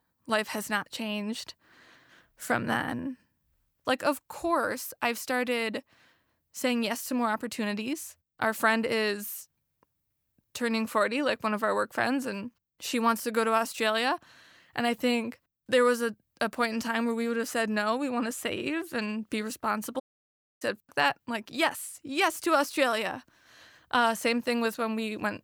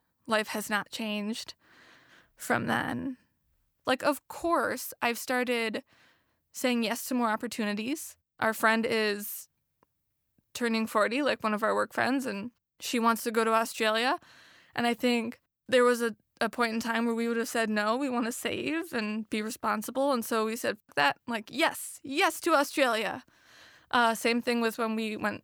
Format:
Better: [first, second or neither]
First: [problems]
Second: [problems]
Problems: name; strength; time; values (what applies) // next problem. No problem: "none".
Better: second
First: audio cutting out; at 20 s for 0.5 s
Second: none